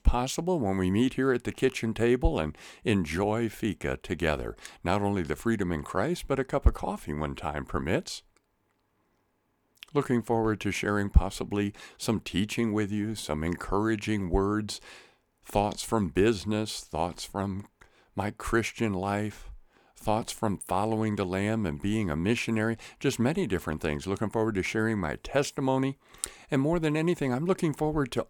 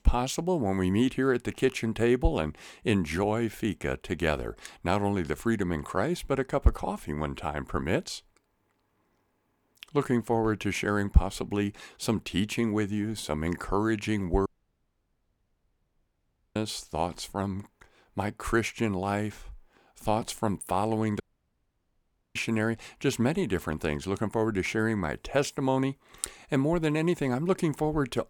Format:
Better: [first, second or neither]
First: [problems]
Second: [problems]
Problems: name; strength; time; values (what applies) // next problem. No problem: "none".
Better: first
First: none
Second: audio cutting out; at 14 s for 2 s and at 21 s for 1 s